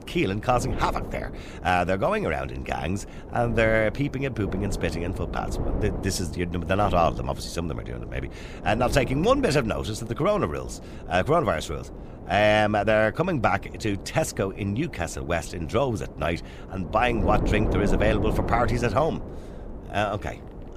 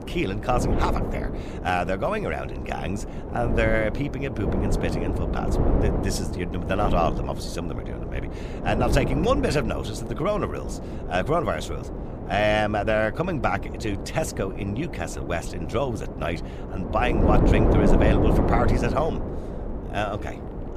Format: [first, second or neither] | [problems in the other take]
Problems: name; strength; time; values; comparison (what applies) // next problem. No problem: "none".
first | wind noise on the microphone; heavy; 6 dB below the speech; occasional gusts in the first